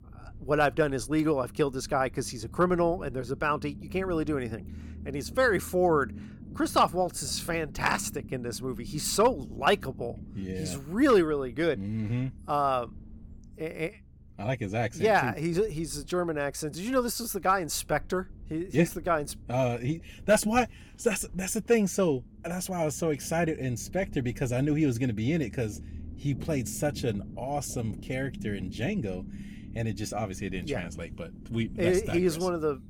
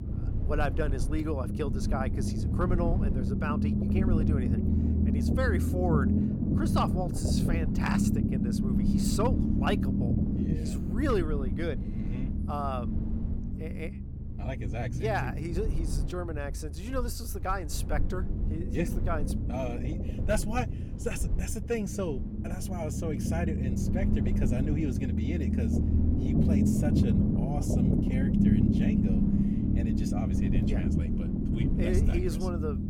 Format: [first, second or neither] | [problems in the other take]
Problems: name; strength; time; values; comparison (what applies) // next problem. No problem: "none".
first | low rumble; loud; throughout; 1 dB below the speech; faint in the first